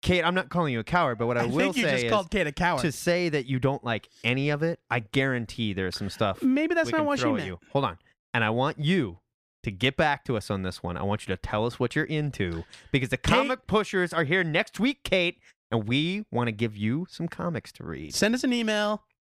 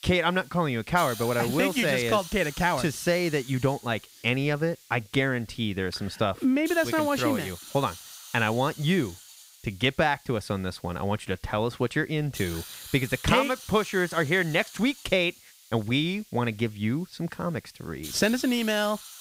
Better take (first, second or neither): first